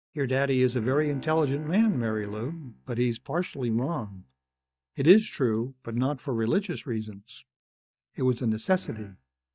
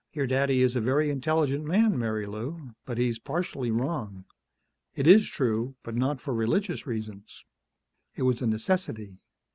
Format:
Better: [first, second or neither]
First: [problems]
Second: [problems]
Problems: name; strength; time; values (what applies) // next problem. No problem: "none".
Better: second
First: noise reduction (neural mask model DeepFilterNet 3)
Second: none